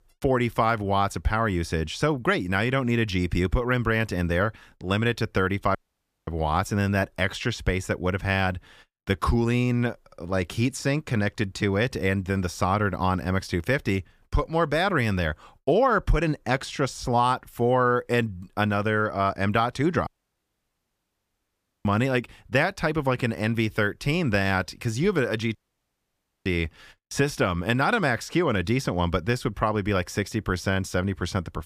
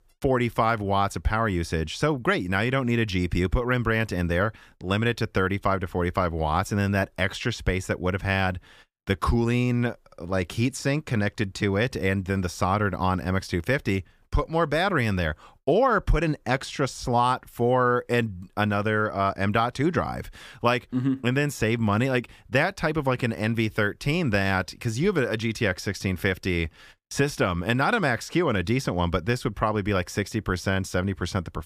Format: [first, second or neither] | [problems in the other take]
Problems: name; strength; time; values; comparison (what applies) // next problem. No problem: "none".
second | audio cutting out; at 6 s for 0.5 s, at 20 s for 2 s and at 26 s for 1 s